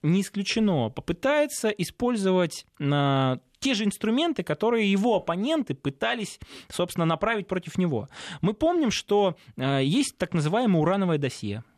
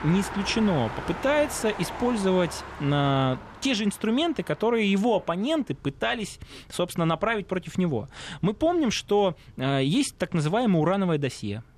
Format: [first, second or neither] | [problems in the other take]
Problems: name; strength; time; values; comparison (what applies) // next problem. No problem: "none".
first | traffic noise; noticeable; throughout; 10 dB below the speech